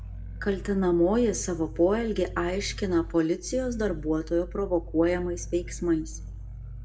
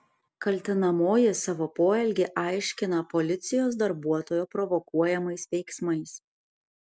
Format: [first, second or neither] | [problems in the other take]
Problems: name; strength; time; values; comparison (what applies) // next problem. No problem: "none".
second | background sound (Growling); 11 dB below the speech // room echo; dies away in 0.4 s